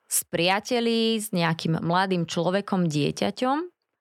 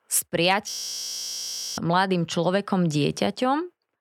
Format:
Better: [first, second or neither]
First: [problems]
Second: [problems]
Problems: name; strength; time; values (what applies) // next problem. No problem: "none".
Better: first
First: none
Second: audio freezing; at 0.5 s for 1 s